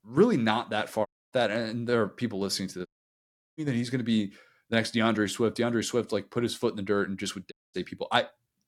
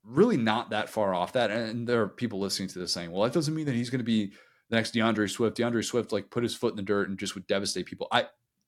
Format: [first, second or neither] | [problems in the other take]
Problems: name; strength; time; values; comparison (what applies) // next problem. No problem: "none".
second | audio cutting out; at 1 s, at 3 s for 0.5 s and at 7.5 s